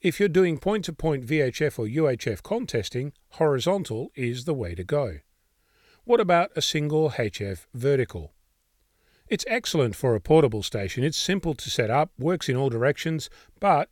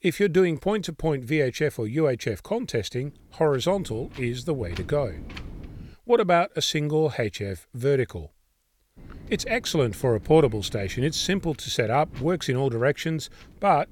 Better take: first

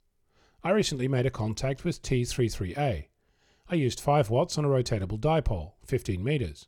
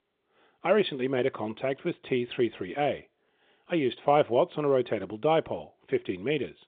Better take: first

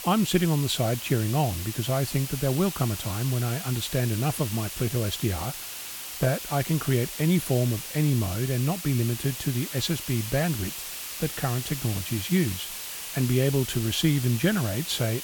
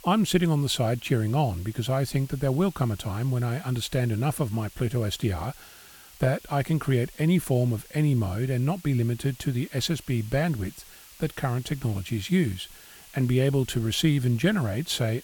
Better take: second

